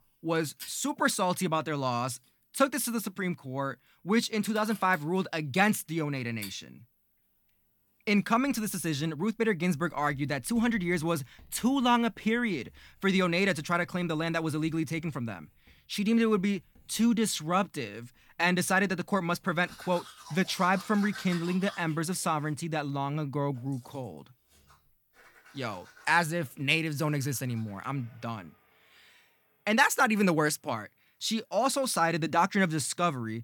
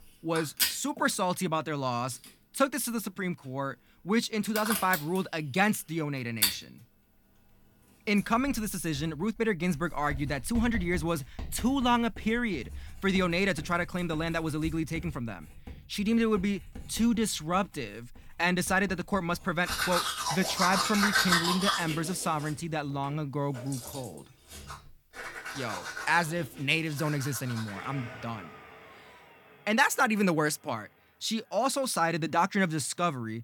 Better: first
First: household noises; faint; throughout; 20 dB below the speech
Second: household noises; loud; throughout; 3 dB below the speech

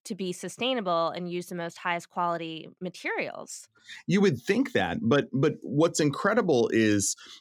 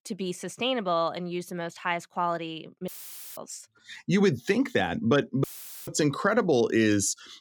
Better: first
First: none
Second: audio cutting out; filled with static; at 3 s and at 5.5 s

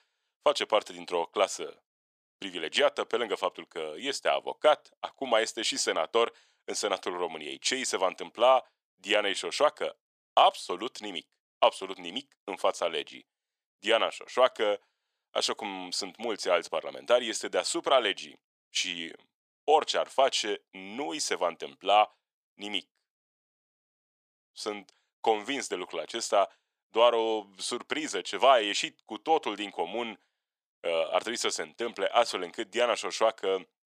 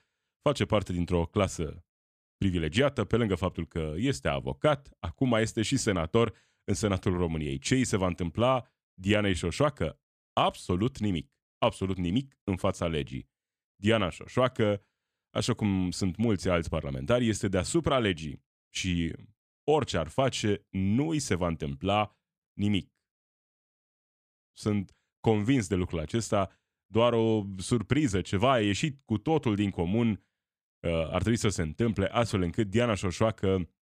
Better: second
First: thin; very; fading below 450 Hz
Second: none

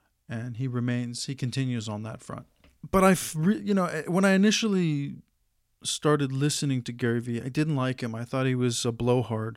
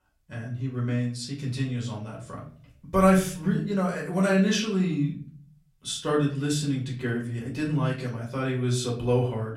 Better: first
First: none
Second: off-mic speech; far // room echo; slight; dies away in 0.4 s

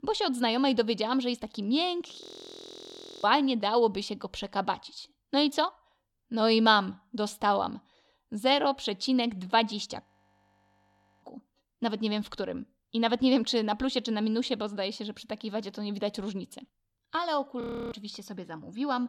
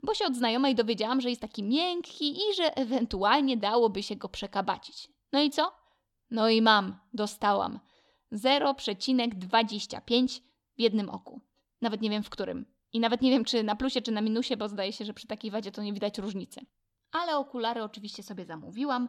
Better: second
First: audio freezing; at 2 s for 1 s, at 10 s for 1 s and at 18 s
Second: none

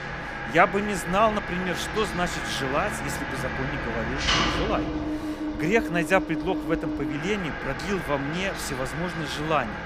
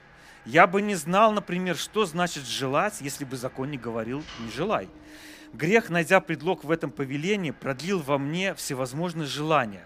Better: second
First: machinery noise; loud; throughout; 2 dB below the speech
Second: machinery noise; faint; throughout; 25 dB below the speech

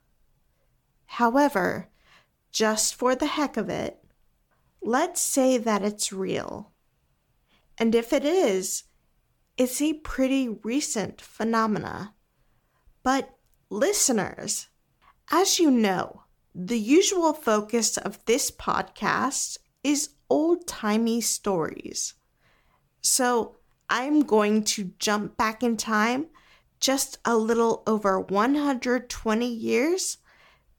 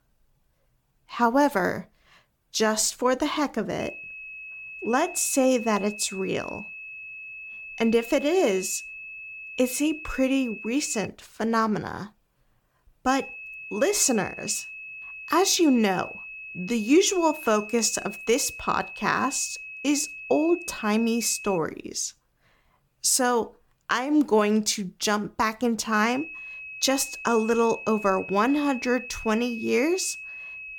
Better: first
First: none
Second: high-pitched whine; noticeable; from 4 to 11 s, from 13 to 22 s and from 26 s on; 2.5 kHz, 10 dB below the speech

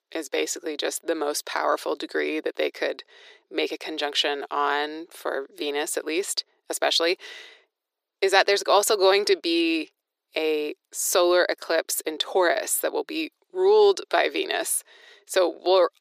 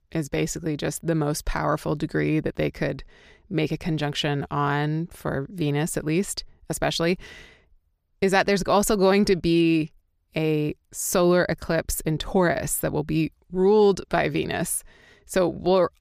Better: second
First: thin; very; fading below 350 Hz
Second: none

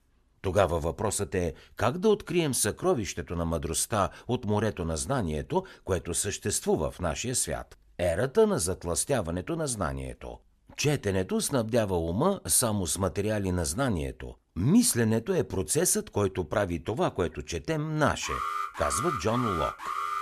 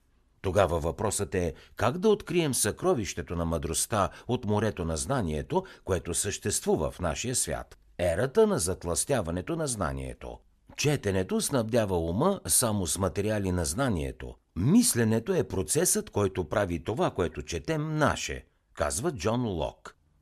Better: second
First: alarm; noticeable; from 18 s on; peak 3 dB below the speech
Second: none

